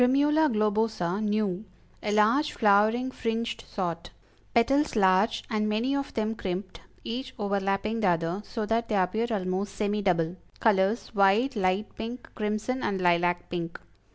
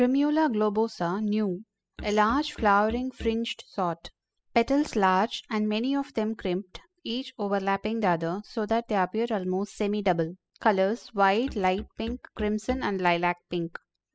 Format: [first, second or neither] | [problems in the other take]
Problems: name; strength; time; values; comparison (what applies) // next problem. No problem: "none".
first | noise reduction (classical method spectral subtraction)